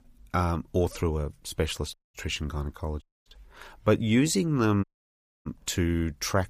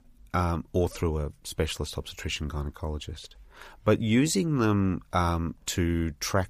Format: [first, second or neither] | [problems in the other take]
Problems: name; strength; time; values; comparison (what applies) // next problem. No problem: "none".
second | audio cutting out; at 2 s, at 3 s and at 5 s for 0.5 s